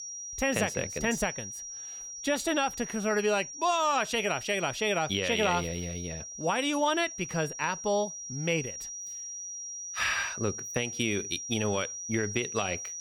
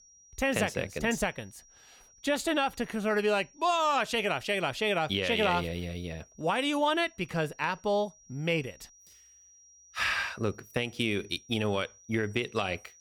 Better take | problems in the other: second | high-pitched whine; loud; throughout; 5.5 kHz, 8 dB below the speech; faint in the second

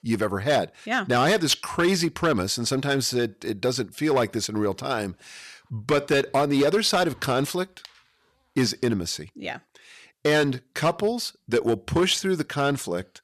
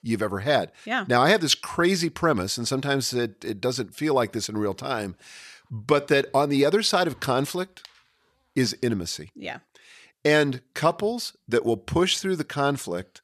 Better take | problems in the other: second | distortion; slight; 5% of the sound clipped

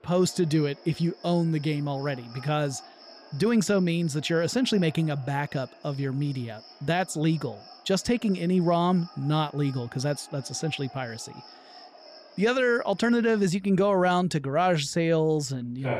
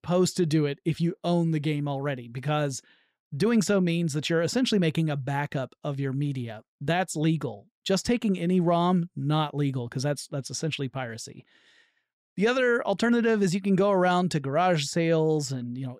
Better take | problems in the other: second | animal sounds; faint; throughout; 20 dB below the speech

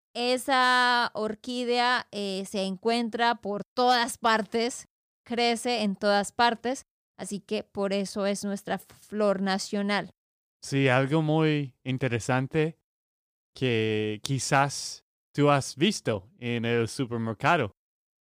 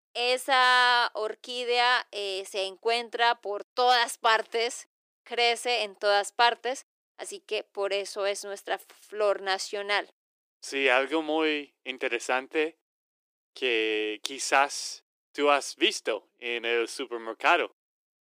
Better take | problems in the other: first | thin; very; fading below 350 Hz

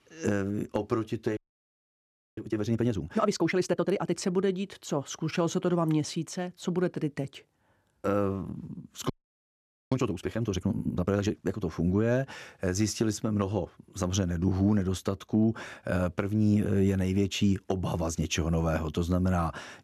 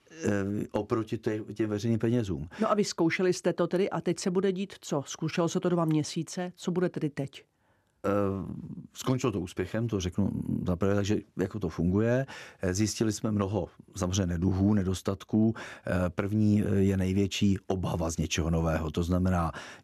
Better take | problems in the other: second | audio freezing; at 1.5 s for 1 s and at 9 s for 1 s

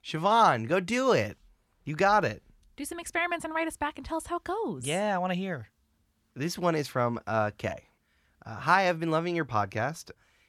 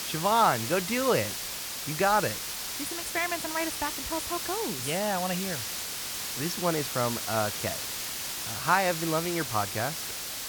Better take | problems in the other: first | hiss; loud; throughout; 3 dB below the speech

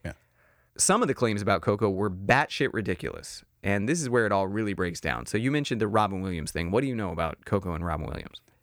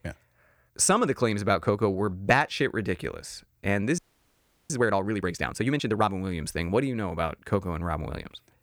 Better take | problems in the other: first | audio freezing; at 4 s for 0.5 s

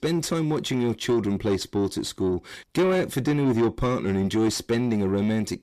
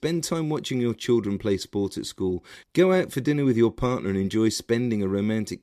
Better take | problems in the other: second | distortion; slight; 10 dB below the speech

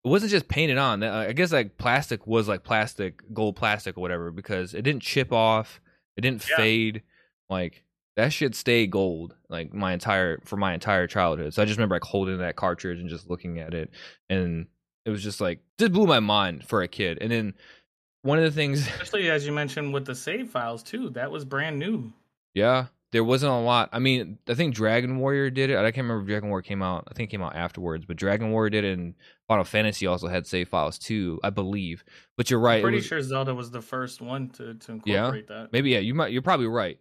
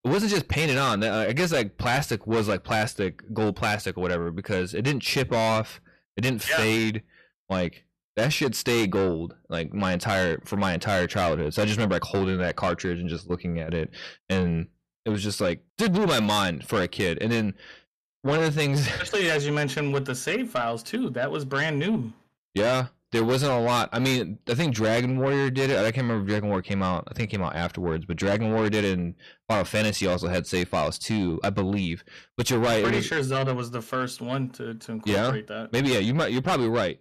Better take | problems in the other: first | distortion; heavy; 7 dB below the speech

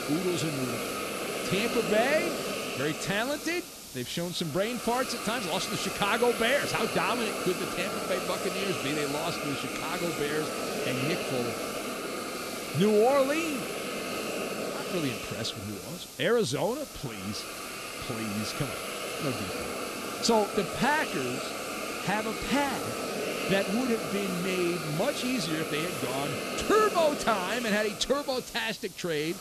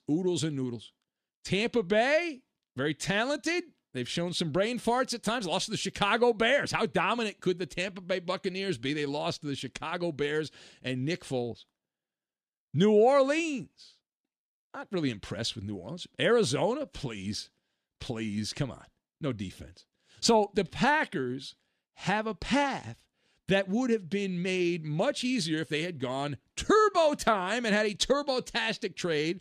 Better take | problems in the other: second | hiss; loud; throughout; 3 dB below the speech

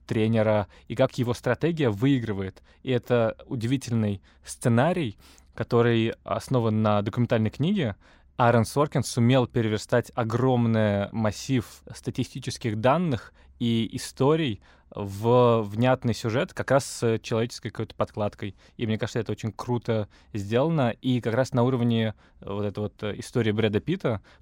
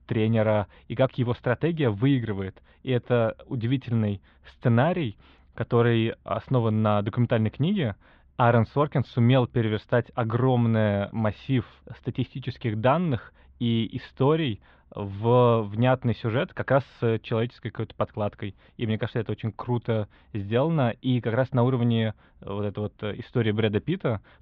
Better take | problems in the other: first | muffled; very; fading above 3.5 kHz

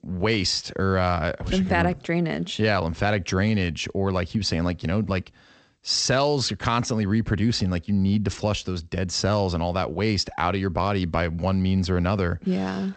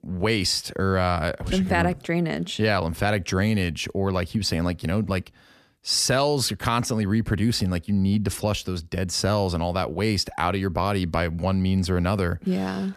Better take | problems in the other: second | garbled, watery; slightly; nothing above 8 kHz

